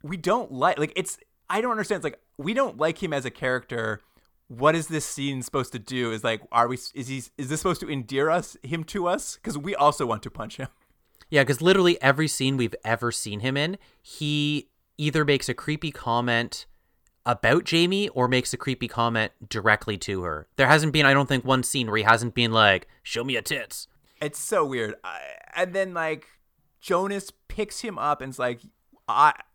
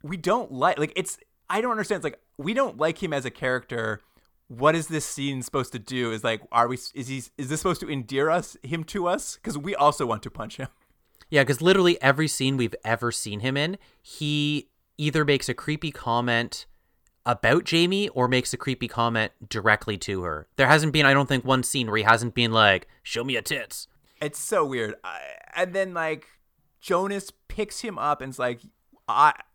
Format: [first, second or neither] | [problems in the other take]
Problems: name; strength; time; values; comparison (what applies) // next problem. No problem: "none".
neither | none